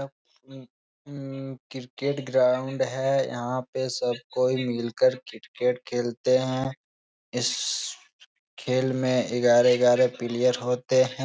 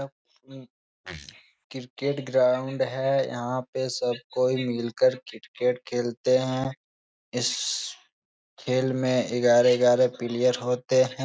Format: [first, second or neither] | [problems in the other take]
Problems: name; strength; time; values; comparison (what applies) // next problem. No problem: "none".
first | noise reduction (neural mask model Resemble Enhance denoiser)